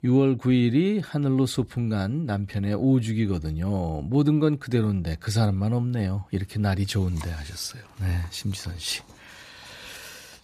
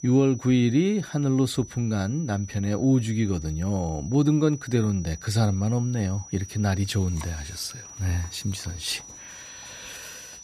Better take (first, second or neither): first